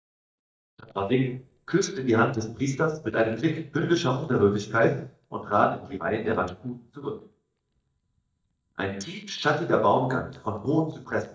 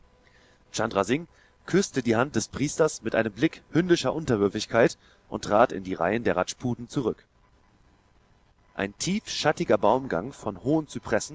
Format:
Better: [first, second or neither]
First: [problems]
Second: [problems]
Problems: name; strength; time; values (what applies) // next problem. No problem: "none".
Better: second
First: noise reduction (neural mask model DeepFilterNet 3)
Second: none